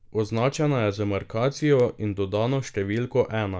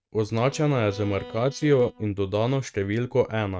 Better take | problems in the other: first | noise reduction (neural mask model RNNoise)

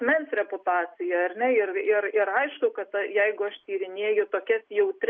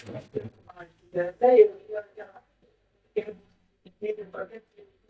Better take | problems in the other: first | noise reduction (neural mask model DeepFilterNet 3)

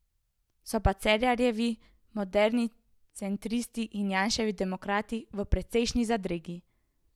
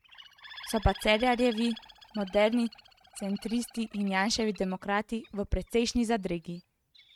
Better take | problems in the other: first | noise reduction (neural mask model RNNoise)

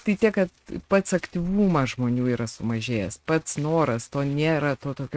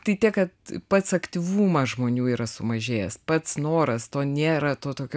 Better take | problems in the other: second | noise reduction (neural mask model RNNoise)

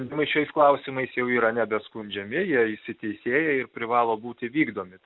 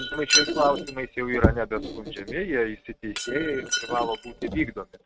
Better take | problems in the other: first | noise reduction (neural mask model RNNoise)

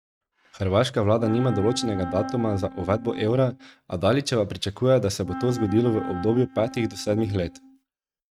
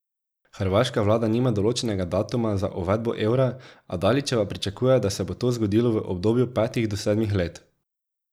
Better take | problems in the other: second | noise reduction (neural mask model RNNoise)

